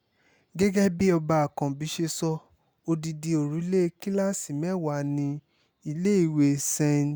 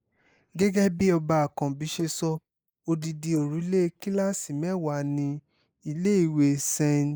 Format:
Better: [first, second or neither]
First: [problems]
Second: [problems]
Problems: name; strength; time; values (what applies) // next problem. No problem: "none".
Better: first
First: none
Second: noise reduction (neural mask model Resemble Enhance denoiser)